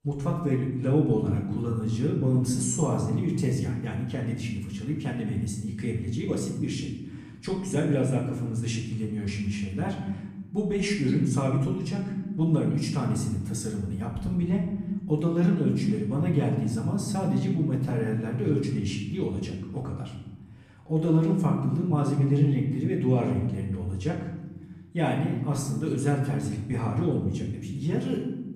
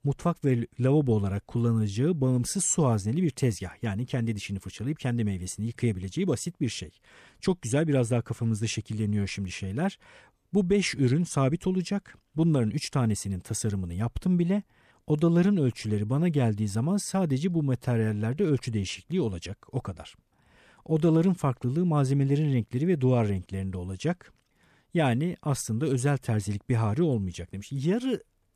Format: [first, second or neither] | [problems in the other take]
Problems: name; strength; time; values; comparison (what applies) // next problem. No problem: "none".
second | room echo; noticeable; dies away in 1.2 s // off-mic speech; far